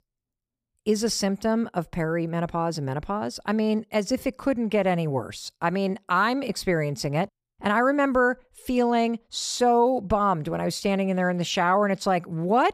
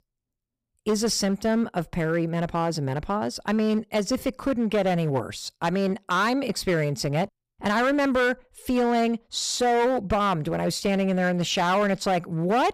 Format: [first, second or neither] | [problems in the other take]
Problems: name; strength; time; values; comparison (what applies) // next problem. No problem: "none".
first | distortion; slight; 10% of the sound clipped